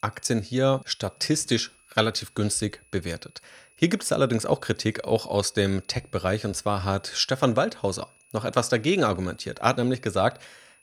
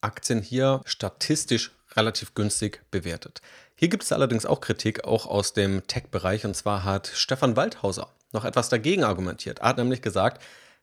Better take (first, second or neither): second